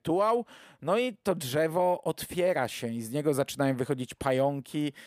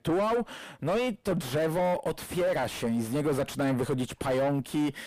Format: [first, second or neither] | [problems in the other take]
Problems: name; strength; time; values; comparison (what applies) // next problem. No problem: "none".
first | distortion; heavy; 5 dB below the speech